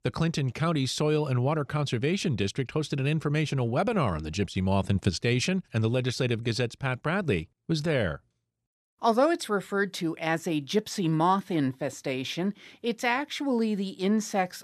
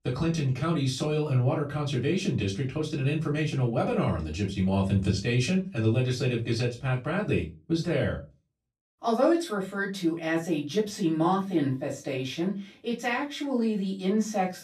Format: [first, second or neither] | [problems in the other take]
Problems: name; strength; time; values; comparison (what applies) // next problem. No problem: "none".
first | off-mic speech; far // room echo; very slight; dies away in 0.2 s